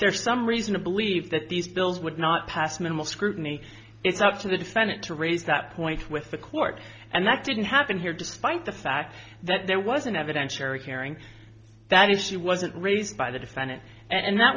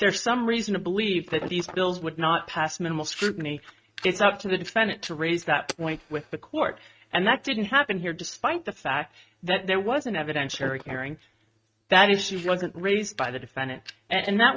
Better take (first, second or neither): first